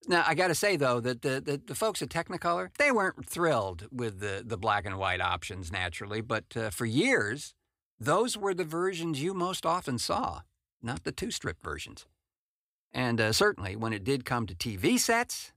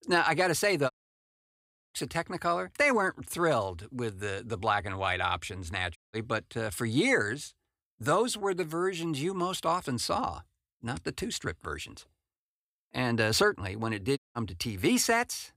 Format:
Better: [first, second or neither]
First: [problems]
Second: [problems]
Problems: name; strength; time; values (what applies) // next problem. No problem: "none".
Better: first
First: none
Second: audio cutting out; at 1 s for 1 s, at 6 s and at 14 s